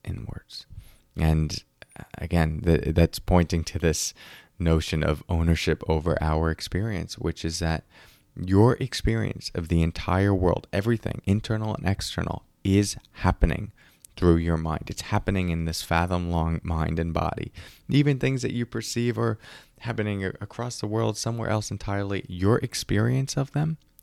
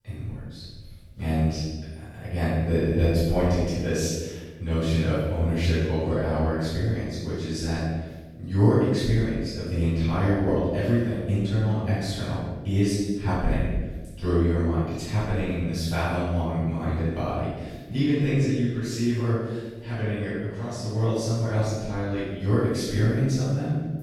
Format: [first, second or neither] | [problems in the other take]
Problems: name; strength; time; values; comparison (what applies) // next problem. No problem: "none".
first | off-mic speech; far // room echo; strong; dies away in 1.2 s